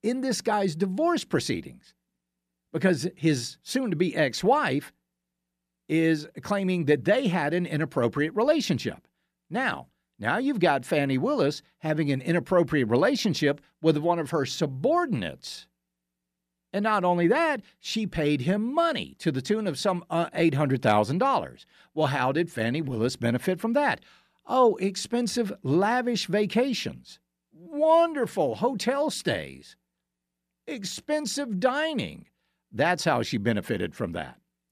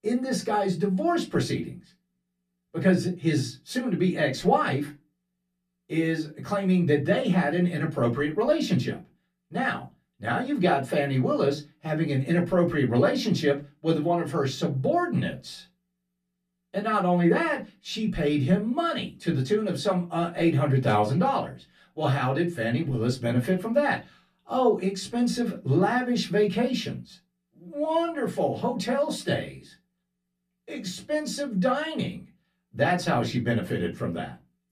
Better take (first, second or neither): first